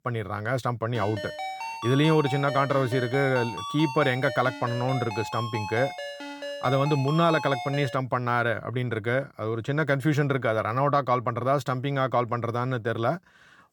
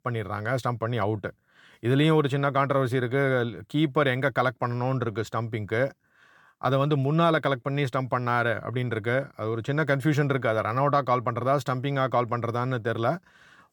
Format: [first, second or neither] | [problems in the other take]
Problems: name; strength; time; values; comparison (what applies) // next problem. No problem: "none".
second | phone ringing; noticeable; from 1 to 8 s; peak 7 dB below the speech